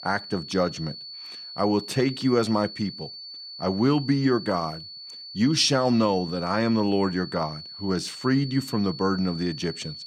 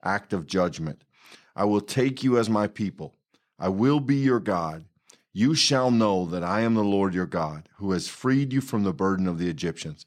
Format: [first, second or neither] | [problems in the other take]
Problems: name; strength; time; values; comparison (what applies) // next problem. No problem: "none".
second | high-pitched whine; noticeable; throughout; 4.5 kHz, 10 dB below the speech